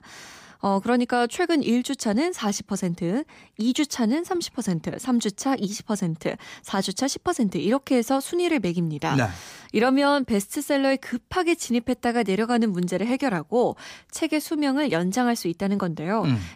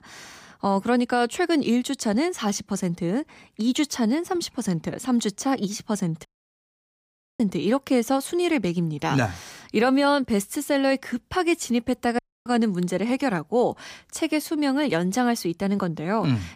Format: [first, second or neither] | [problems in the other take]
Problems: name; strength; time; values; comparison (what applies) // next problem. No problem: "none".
first | audio cutting out; at 6.5 s for 1 s and at 12 s